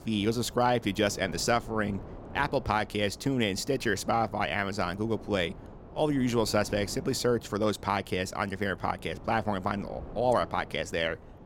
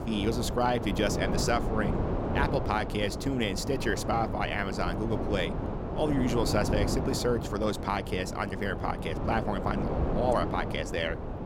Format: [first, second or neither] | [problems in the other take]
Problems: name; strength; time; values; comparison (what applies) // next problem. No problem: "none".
first | wind noise on the microphone; heavy; 6 dB below the speech; occasional gusts in the first